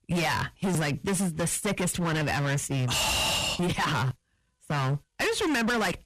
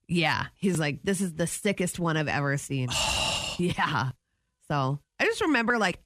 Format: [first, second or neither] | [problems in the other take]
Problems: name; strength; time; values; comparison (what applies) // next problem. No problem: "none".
second | distortion; heavy; 29% of the sound clipped